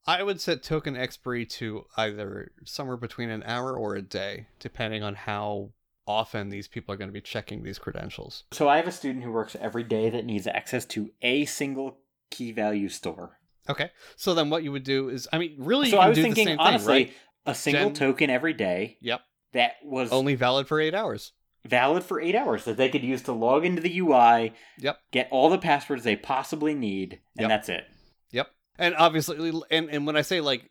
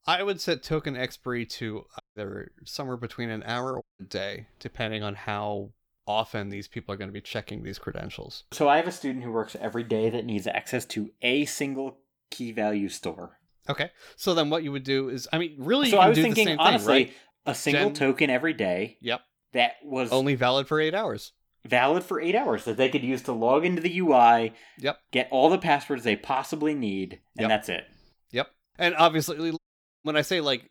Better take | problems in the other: first | audio cutting out; at 2 s, at 4 s and at 30 s

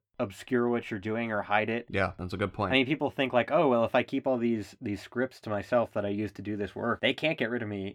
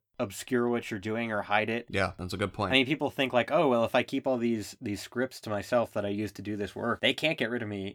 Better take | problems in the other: second | muffled; slightly; fading above 4 kHz

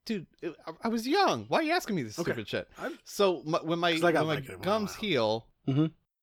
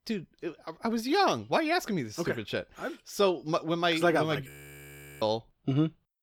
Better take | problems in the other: first | audio freezing; at 4.5 s for 0.5 s

